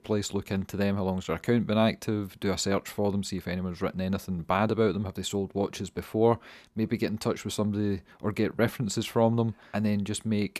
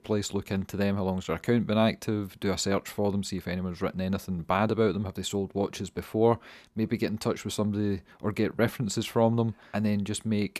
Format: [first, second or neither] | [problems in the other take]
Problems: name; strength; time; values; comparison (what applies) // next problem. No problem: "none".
neither | none